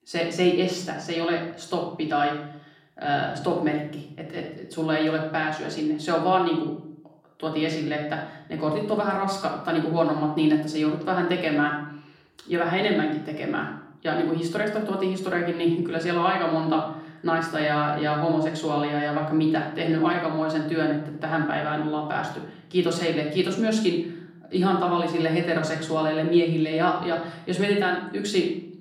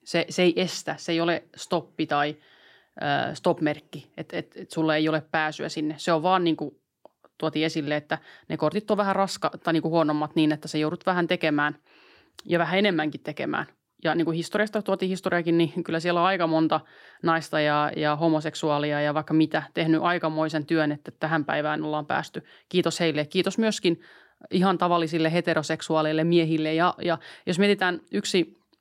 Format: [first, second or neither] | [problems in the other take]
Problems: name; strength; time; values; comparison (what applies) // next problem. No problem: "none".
second | off-mic speech; far // room echo; noticeable; dies away in 0.6 s